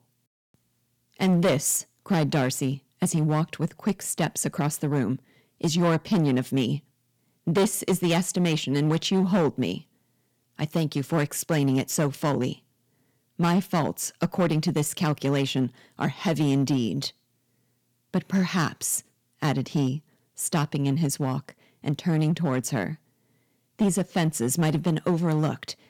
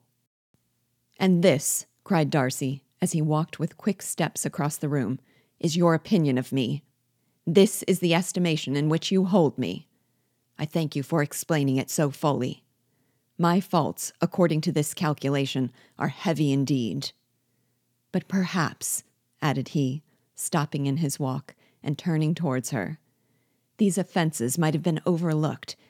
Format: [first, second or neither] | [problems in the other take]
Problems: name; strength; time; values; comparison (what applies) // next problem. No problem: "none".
second | distortion; slight; 5% of the sound clipped